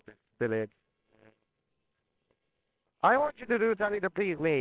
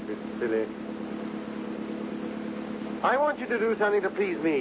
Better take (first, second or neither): second